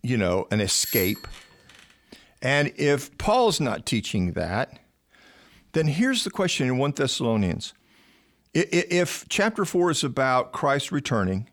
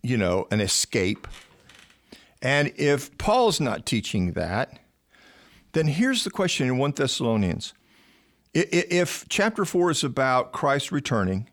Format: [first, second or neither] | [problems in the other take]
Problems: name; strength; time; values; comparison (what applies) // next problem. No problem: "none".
second | doorbell; noticeable; at 1 s; peak 3 dB below the speech